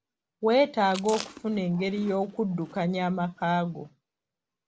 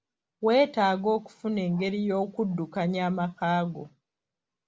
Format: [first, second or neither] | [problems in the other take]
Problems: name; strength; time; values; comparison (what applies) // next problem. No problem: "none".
second | background sound (Chewing, mastication); 17 dB below the speech